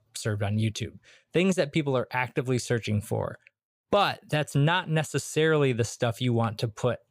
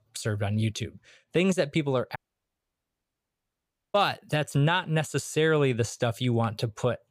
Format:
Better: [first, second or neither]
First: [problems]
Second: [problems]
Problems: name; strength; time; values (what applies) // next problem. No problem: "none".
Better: first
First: none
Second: audio cutting out; at 2 s for 2 s